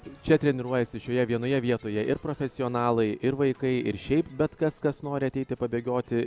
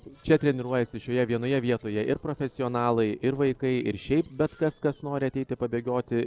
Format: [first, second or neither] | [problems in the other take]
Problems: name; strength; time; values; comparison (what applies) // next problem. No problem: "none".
first | noise reduction (neural separator model SepFormer DNS4)